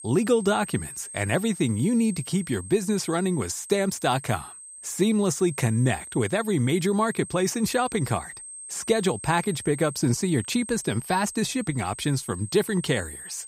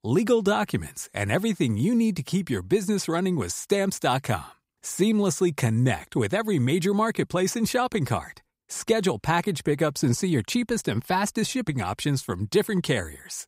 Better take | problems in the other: second | high-pitched whine; noticeable; throughout; 8.5 kHz, 15 dB below the speech

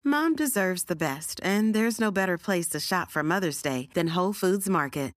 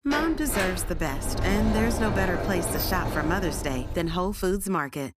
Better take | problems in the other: first | door banging; loud; until 4.5 s; peak level with the speech

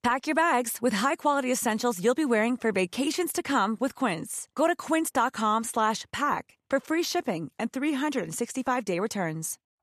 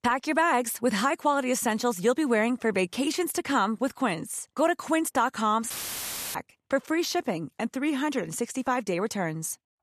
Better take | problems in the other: first | audio cutting out; filled with static; at 5.5 s for 0.5 s

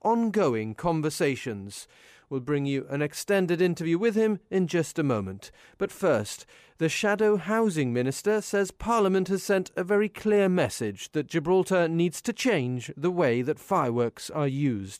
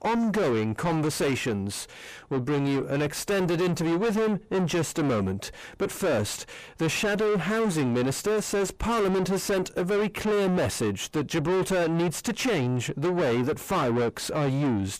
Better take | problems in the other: first | distortion; heavy; 5 dB below the speech

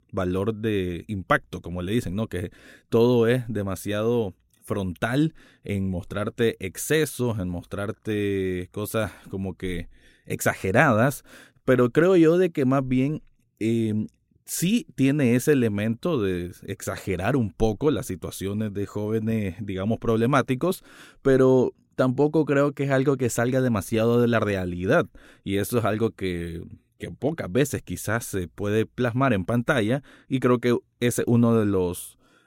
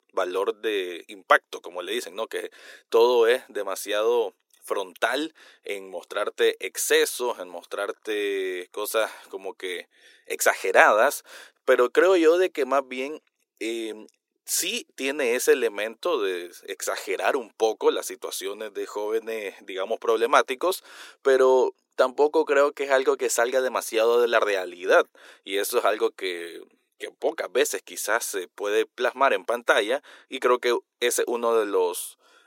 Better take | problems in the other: first | thin; very; fading below 400 Hz

